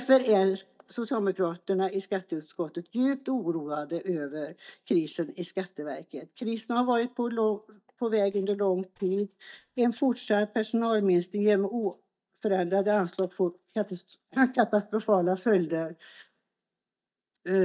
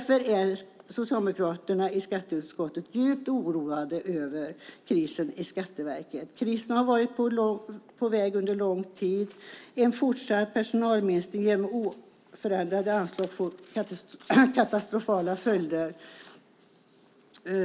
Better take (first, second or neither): second